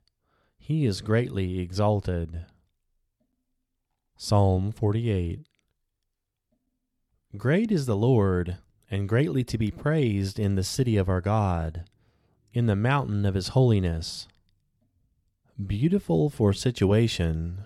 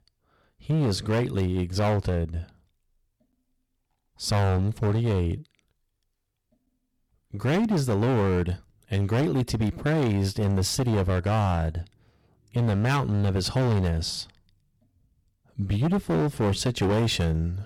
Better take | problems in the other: first | distortion; heavy; 15% of the sound clipped

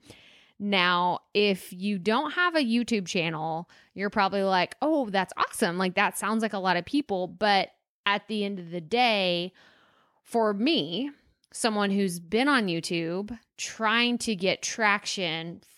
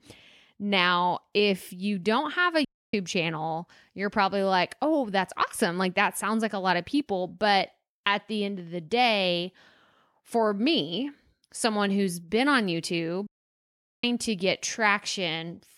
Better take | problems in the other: first | audio cutting out; at 2.5 s and at 13 s for 1 s

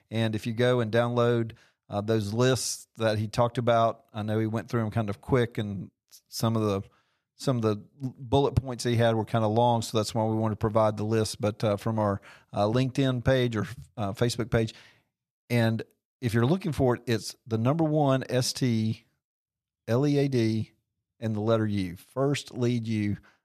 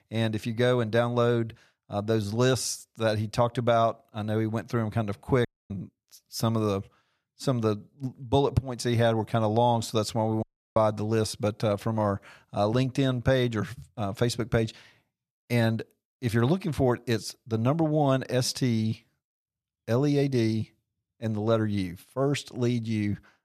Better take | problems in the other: first | audio cutting out; at 5.5 s and at 10 s

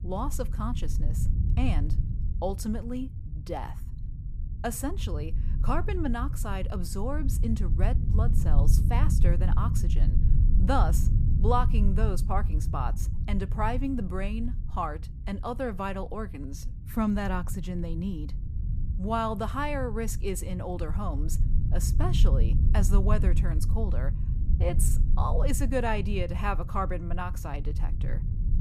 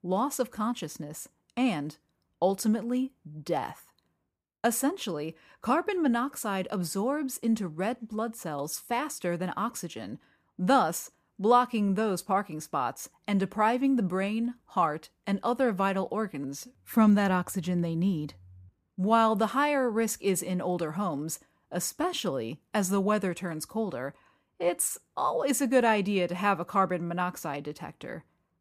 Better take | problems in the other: second | low rumble; noticeable; throughout; 10 dB below the speech

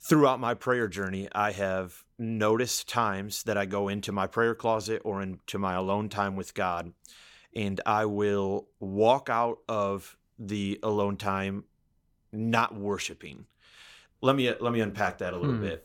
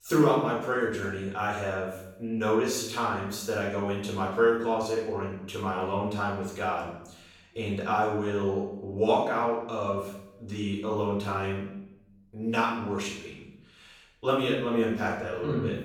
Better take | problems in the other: first | off-mic speech; far // room echo; noticeable; dies away in 0.7 s

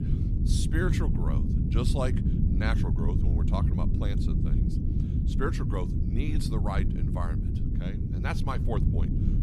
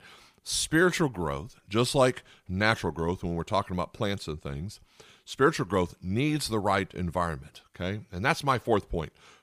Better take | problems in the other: second | low rumble; loud; throughout; 3 dB below the speech

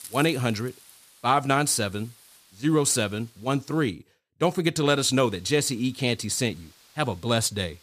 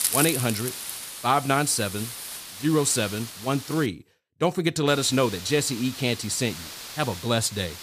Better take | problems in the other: first | hiss; loud; until 4 s and from 5 s on; 8 dB below the speech; faint in the first

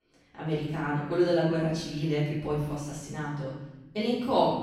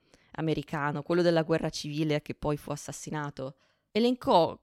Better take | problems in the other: second | room echo; noticeable; dies away in 1.2 s // off-mic speech; far

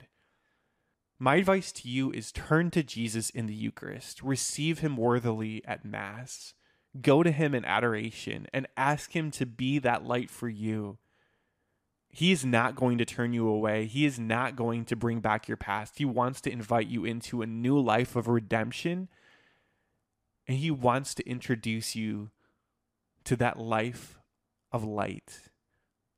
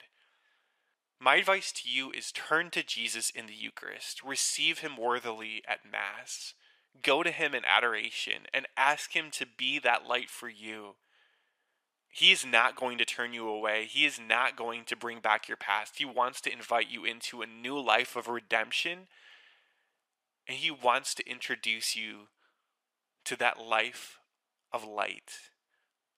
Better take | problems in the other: first | thin; very; fading below 650 Hz

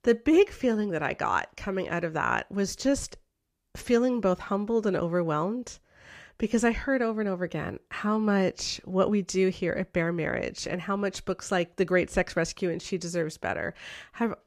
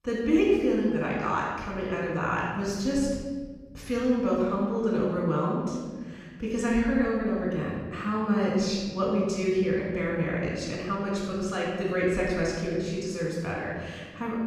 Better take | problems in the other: first | off-mic speech; far // room echo; strong; dies away in 1.5 s

